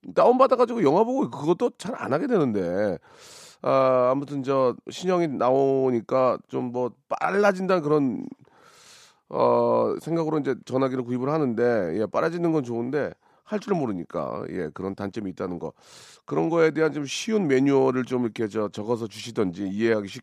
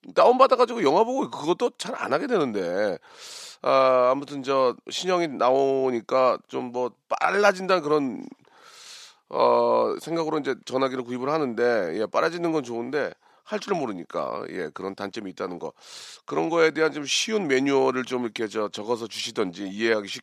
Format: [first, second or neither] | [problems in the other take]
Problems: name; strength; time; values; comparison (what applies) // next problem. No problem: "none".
first | thin; very slightly; fading below 950 Hz